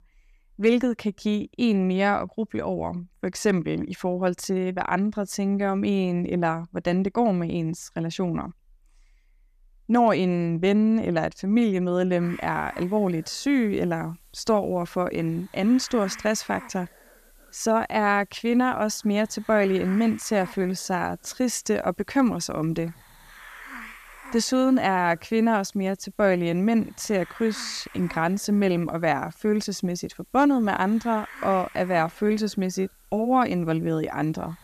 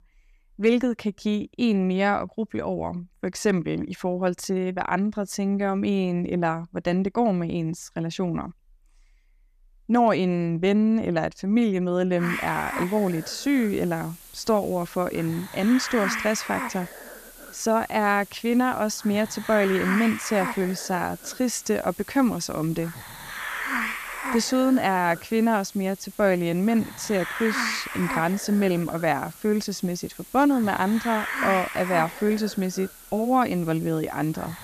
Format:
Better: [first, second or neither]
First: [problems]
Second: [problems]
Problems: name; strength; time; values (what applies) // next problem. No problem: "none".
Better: first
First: hiss; faint; from 12 s on; 20 dB below the speech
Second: hiss; loud; from 12 s on; 8 dB below the speech